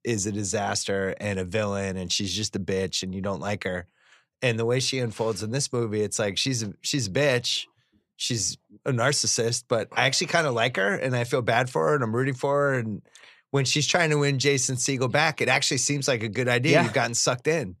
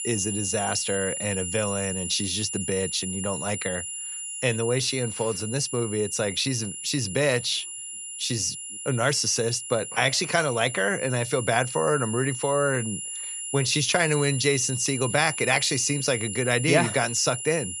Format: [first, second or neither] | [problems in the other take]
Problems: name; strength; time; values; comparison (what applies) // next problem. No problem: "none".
first | high-pitched whine; loud; throughout; 10.5 kHz, 6 dB below the speech